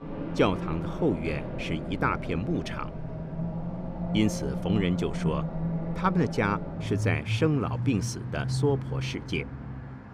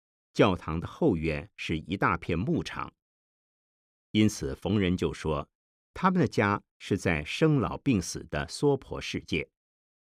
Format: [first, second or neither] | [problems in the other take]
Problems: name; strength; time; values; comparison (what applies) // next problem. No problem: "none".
second | traffic noise; loud; throughout; 4 dB below the speech